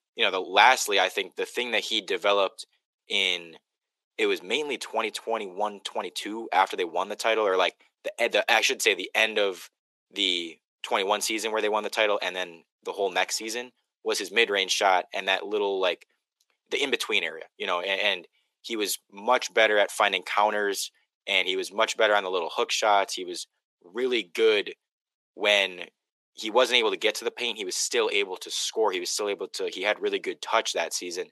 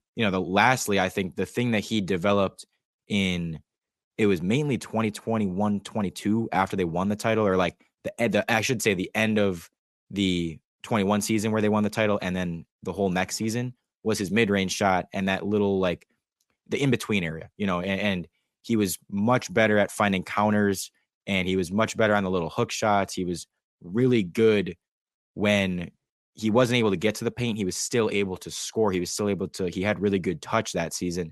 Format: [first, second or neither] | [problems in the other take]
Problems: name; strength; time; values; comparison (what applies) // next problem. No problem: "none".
second | thin; very; fading below 350 Hz